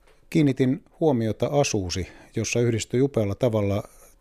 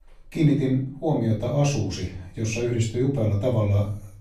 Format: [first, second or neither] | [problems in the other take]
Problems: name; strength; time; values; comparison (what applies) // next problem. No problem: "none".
first | off-mic speech; far // room echo; slight; dies away in 0.5 s